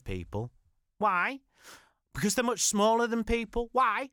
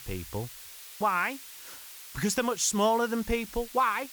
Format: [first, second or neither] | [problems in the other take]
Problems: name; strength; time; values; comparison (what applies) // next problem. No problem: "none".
first | hiss; noticeable; throughout; 15 dB below the speech